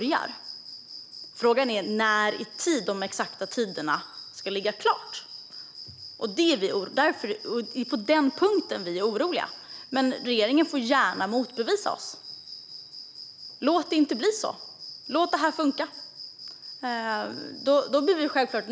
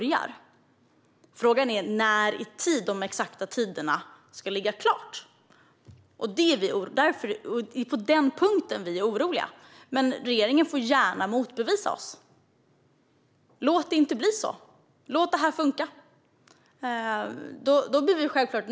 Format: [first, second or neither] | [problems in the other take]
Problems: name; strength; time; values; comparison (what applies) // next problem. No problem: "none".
second | background sound (Cricket); 16 dB below the speech